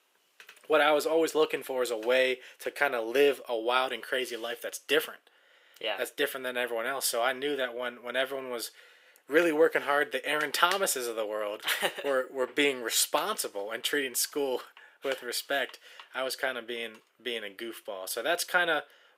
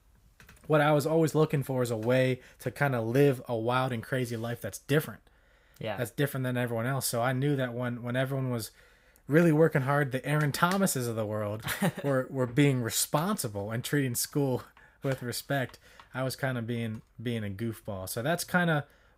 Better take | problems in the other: second | thin; very; fading below 350 Hz

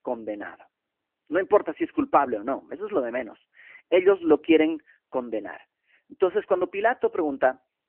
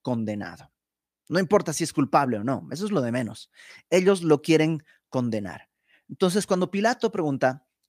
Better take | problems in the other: second | phone-call audio; nothing above 3 kHz

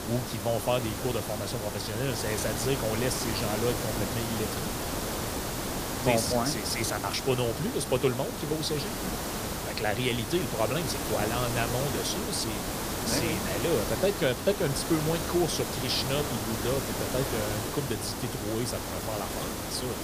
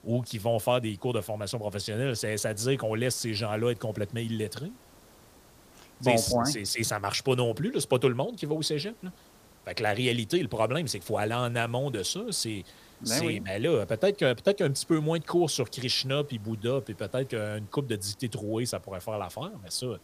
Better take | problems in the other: second | hiss; loud; throughout; 2 dB below the speech; faint in the second

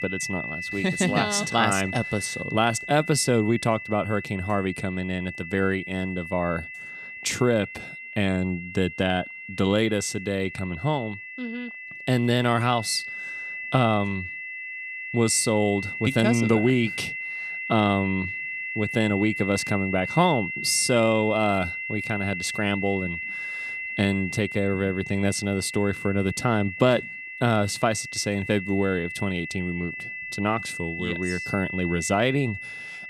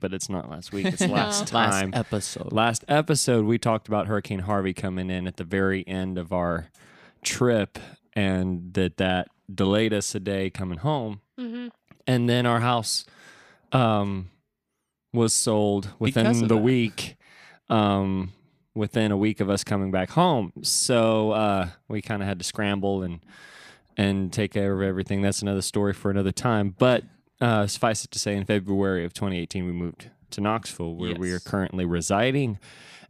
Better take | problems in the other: second | high-pitched whine; loud; throughout; 2 kHz, 7 dB below the speech

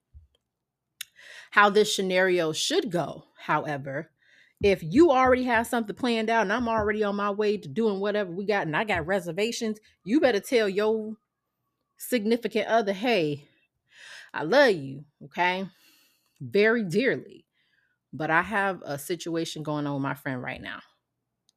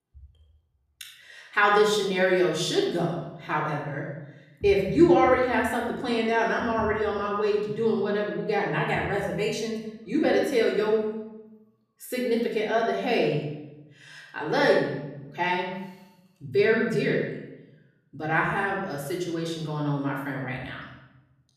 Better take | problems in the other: first | off-mic speech; far // room echo; noticeable; dies away in 0.9 s

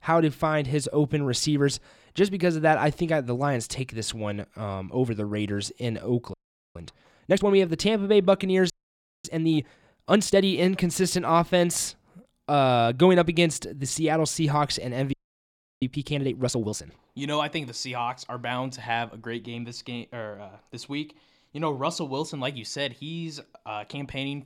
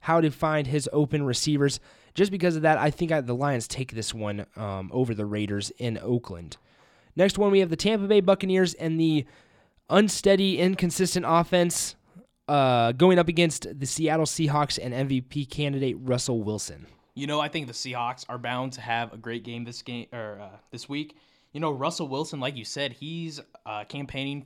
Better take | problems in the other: second | audio freezing; at 6.5 s, at 8.5 s for 0.5 s and at 15 s for 0.5 s

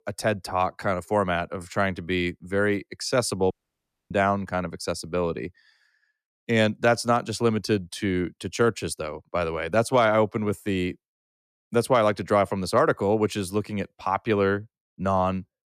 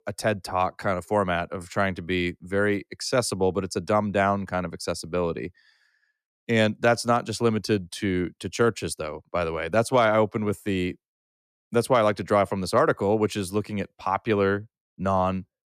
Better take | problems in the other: second | audio cutting out; at 3.5 s for 0.5 s

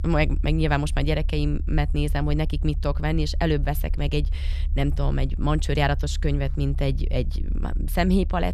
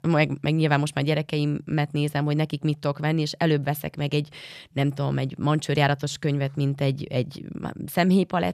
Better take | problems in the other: second | low rumble; faint; throughout; 20 dB below the speech

